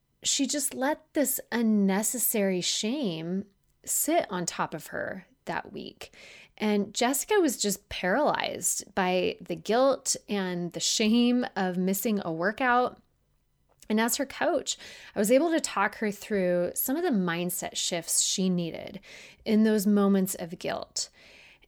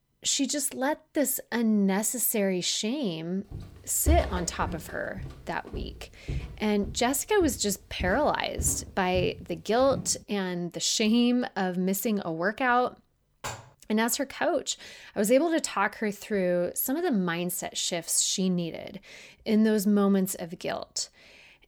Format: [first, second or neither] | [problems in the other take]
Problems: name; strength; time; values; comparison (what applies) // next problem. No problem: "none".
first | footsteps; noticeable; from 3.5 to 10 s; peak 1 dB below the speech // clattering dishes; faint; at 13 s; peak 10 dB below the speech